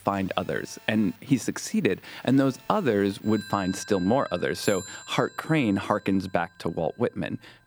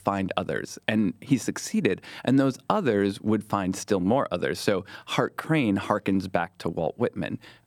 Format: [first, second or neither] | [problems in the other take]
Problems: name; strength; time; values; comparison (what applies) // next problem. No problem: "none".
second | alarms or sirens; noticeable; throughout; 20 dB below the speech